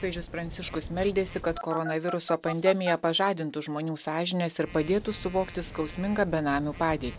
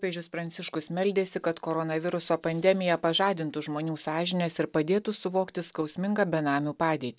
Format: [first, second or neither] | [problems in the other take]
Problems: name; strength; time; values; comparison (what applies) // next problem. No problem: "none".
second | background sound (Telephone); 13 dB below the speech